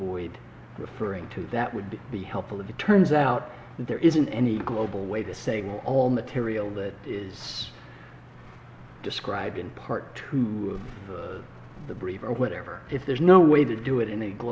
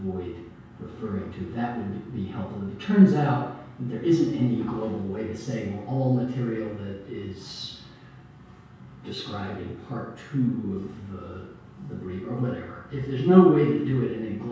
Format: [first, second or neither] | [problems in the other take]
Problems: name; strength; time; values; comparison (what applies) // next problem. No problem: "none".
first | room echo; dies away in 0.6 s